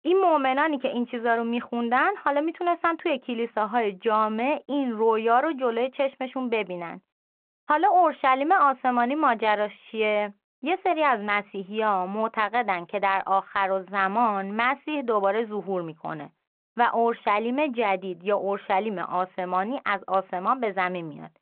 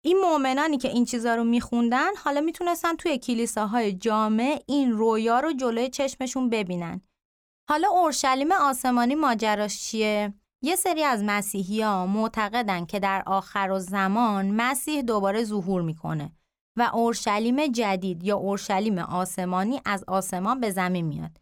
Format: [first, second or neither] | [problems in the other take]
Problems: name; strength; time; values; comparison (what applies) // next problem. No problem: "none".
second | phone-call audio